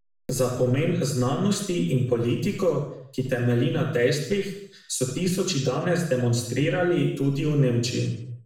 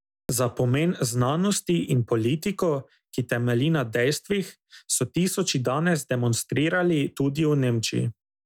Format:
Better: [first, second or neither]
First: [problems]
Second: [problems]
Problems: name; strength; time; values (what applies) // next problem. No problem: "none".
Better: second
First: room echo; dies away in 0.7 s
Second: none